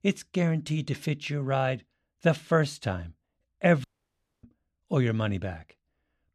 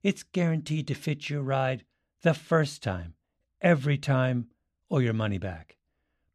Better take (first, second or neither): second